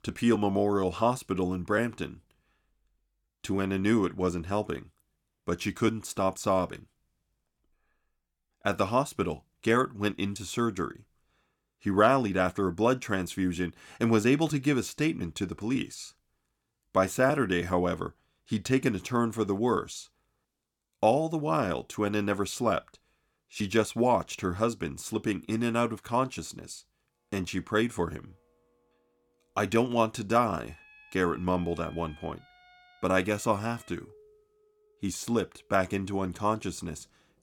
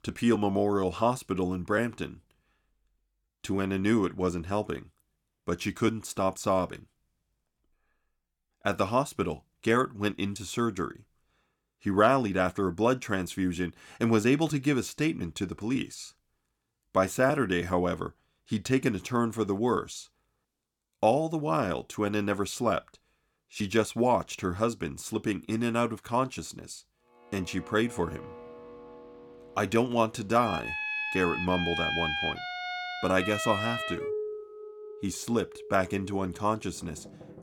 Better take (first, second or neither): first